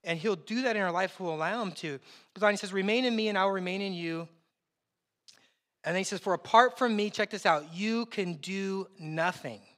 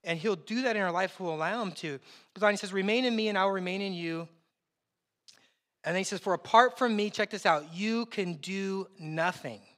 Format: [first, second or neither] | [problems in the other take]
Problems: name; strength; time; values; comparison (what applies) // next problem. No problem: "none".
neither | none